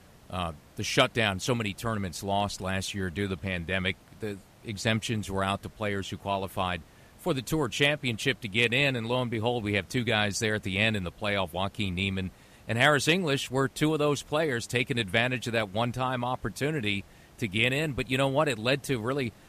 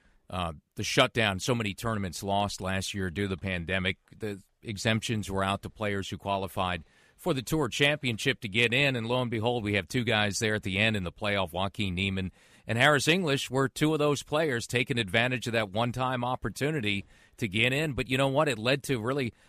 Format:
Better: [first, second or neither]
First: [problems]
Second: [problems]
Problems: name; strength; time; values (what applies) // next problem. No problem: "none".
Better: second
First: hiss; faint; throughout; 30 dB below the speech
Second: none